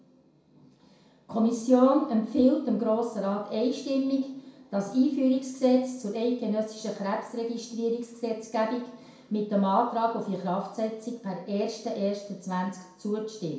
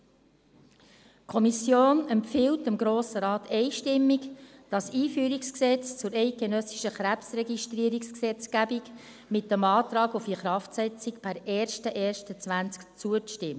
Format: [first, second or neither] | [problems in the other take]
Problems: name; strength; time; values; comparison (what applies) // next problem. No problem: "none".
second | room echo; dies away in 0.6 s